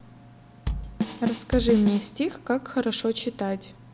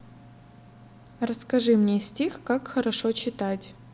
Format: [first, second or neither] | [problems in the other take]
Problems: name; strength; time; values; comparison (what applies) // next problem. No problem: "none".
second | background sound (Drum kit); 4 dB below the speech